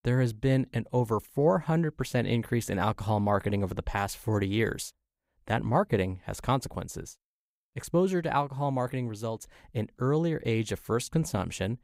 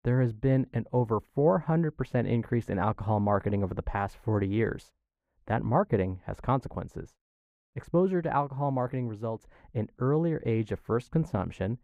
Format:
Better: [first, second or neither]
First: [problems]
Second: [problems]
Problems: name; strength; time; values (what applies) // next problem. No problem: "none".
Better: first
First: none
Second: muffled; very; fading above 3 kHz